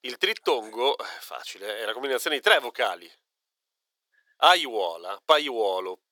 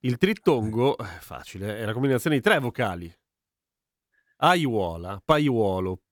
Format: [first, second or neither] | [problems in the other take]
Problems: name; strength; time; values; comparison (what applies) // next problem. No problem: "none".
second | thin; very; fading below 450 Hz